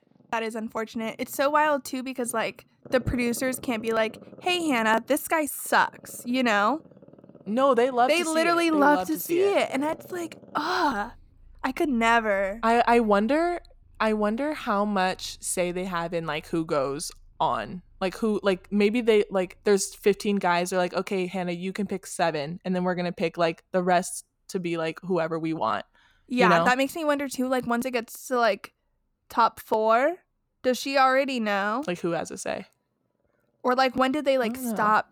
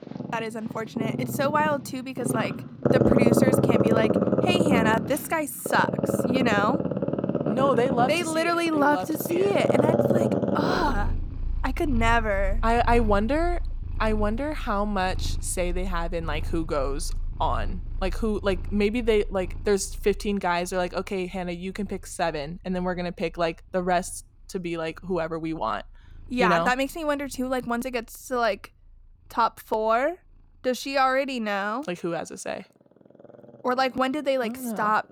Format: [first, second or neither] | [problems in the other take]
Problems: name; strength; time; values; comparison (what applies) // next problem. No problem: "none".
first | animal sounds; loud; throughout; 1 dB below the speech; faint in the first